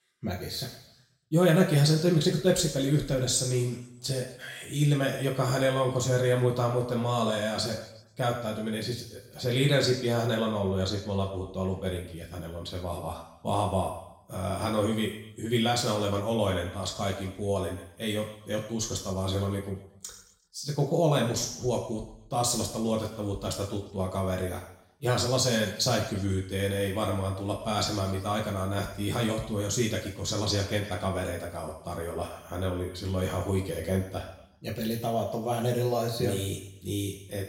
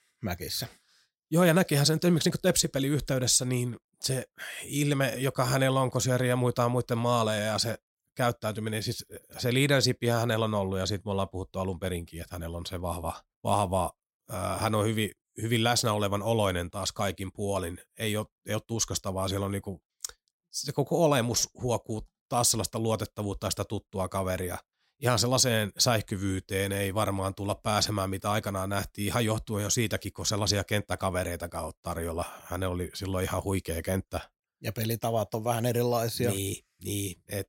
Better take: second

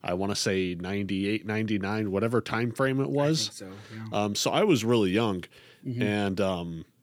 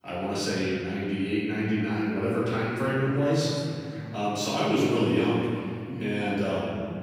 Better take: first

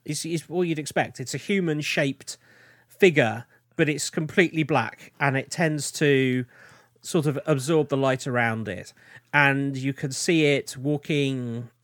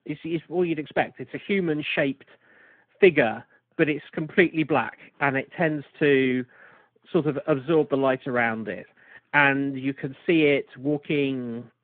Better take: first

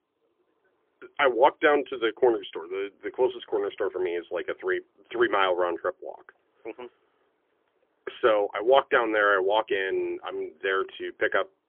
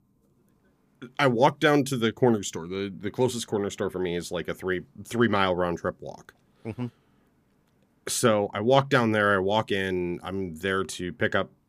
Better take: second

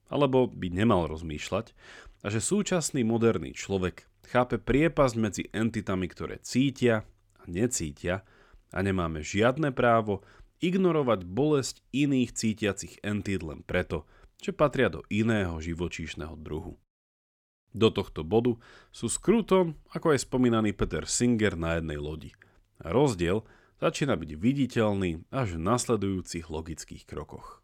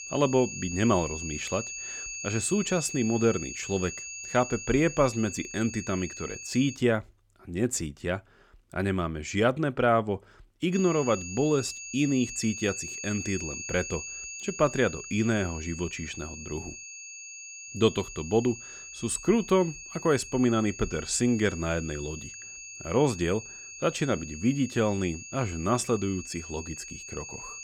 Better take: first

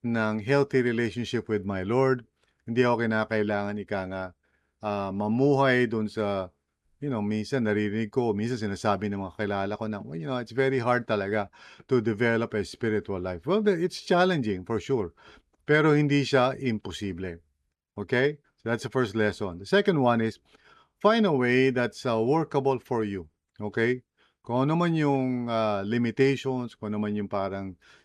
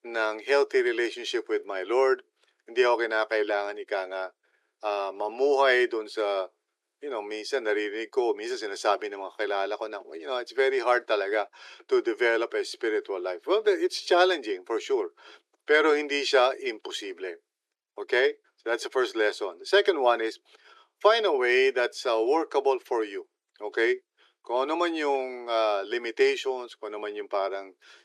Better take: first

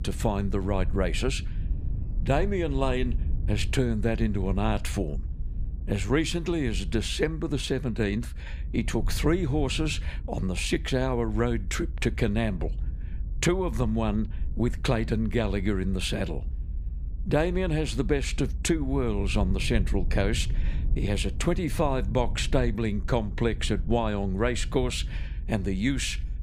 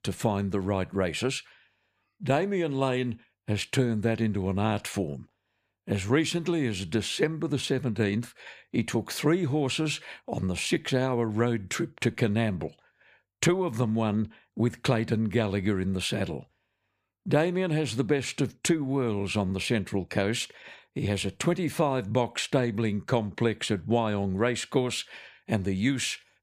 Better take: second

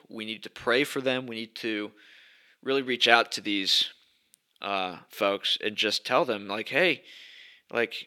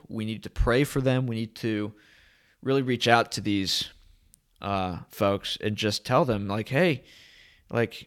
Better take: second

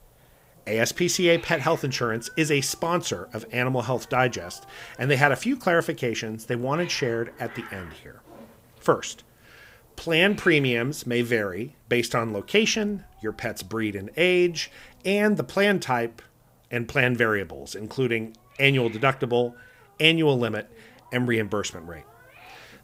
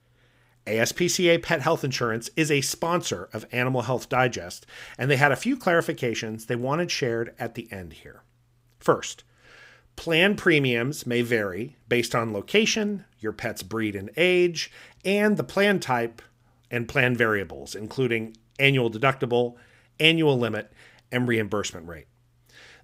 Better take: second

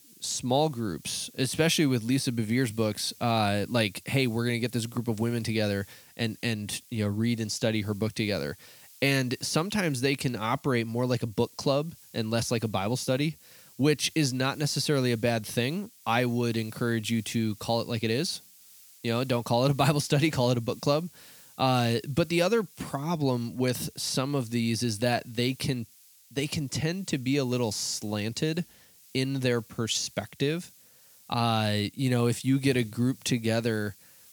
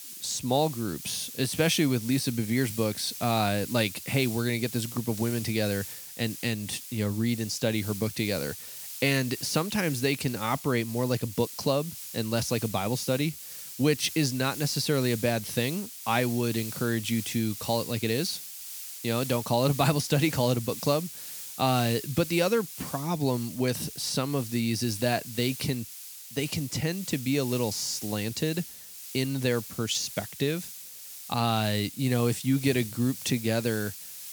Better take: first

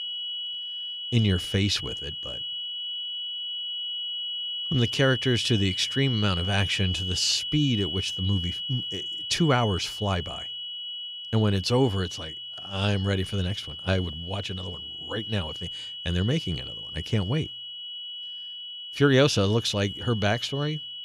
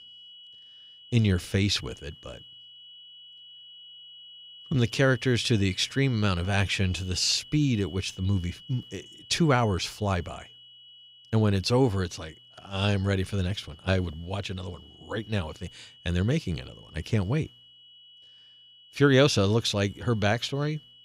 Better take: second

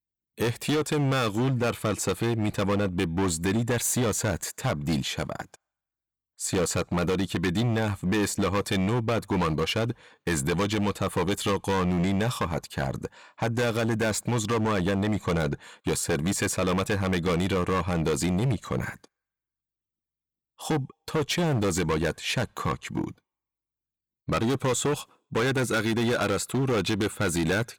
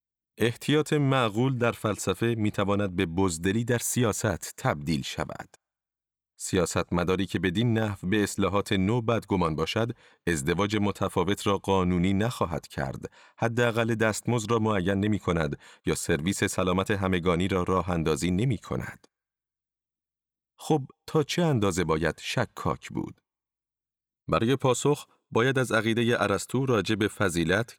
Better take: second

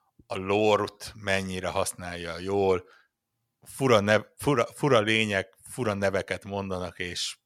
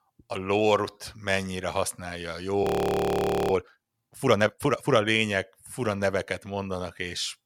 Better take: first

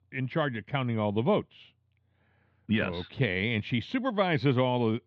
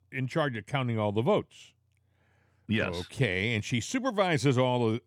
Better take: second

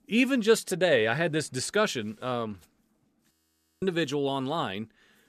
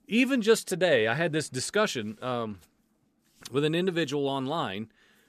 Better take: second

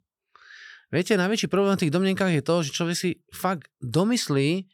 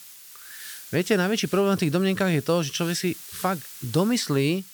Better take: first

